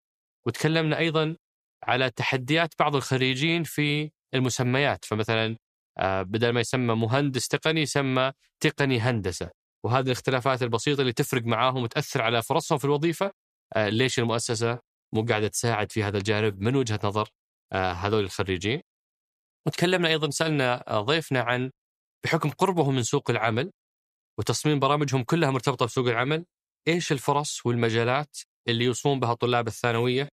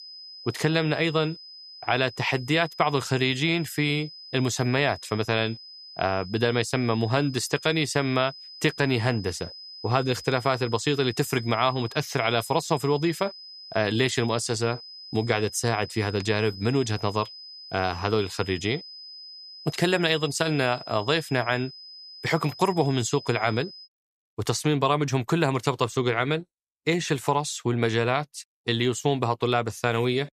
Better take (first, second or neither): first